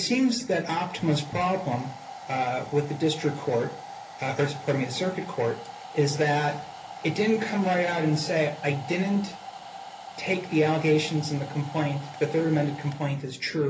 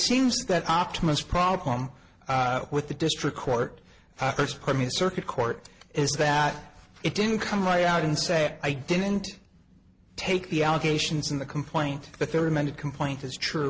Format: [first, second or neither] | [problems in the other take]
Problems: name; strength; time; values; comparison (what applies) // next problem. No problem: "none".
second | background sound (Domestic sounds, home sounds); 15 dB below the speech // room echo; dies away in 0.3 s